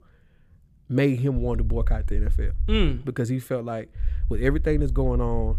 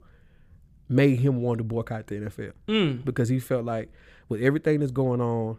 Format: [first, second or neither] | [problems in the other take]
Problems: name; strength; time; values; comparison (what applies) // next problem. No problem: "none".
second | low rumble; faint; from 1.5 to 3 s and from 4 s on; 20 dB below the speech